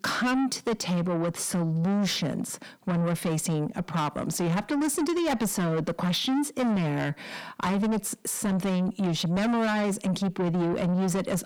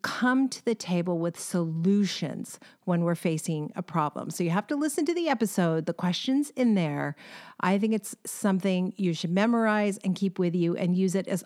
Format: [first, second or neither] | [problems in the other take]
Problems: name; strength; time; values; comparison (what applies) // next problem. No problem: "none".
second | distortion; heavy; 7 dB below the speech